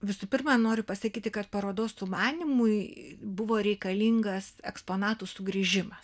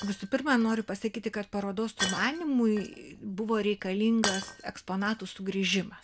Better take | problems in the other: first | background sound (Shatter); 11 dB below the speech

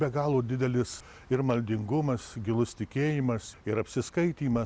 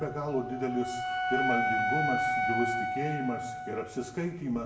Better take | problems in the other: first | background sound (Wind instrument, woodwind instrument); 2 dB above the speech // room echo; dies away in 0.8 s

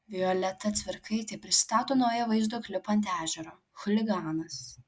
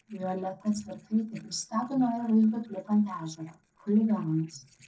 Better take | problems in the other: first | noise reduction (neural separator model SepFormer DNS4)

